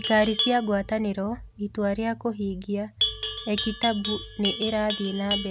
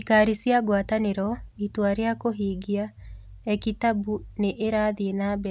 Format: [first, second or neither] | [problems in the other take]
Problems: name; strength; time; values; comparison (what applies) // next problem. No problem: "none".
second | background sound (Livestock, farm animals, working animals); 6 dB below the speech